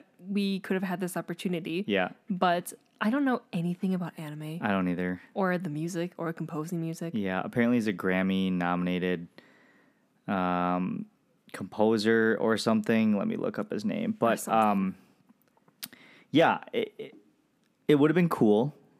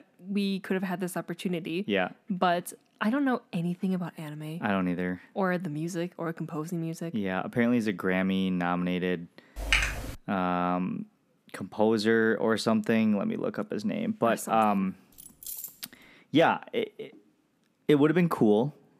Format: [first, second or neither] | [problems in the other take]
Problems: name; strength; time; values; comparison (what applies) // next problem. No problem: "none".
first | keyboard typing; loud; at 9.5 s; peak 3 dB above the speech // jangling keys; noticeable; at 15 s; peak 9 dB below the speech